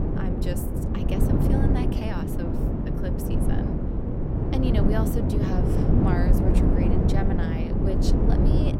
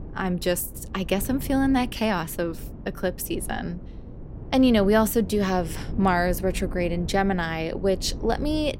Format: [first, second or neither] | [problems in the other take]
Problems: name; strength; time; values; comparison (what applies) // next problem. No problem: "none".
second | wind noise on the microphone; heavy; 4 dB above the speech; occasional gusts in the second